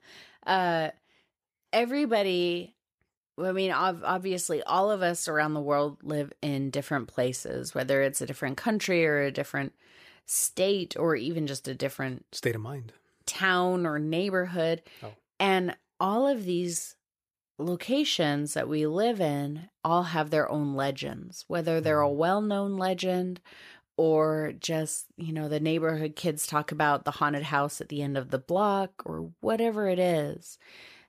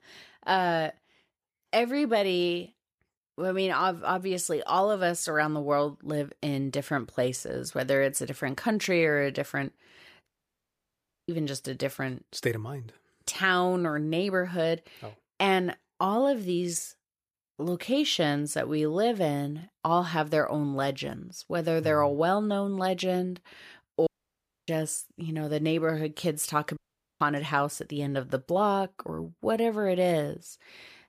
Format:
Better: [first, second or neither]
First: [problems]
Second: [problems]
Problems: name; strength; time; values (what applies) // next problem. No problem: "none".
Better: first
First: none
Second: audio cutting out; at 10 s for 1 s, at 24 s for 0.5 s and at 27 s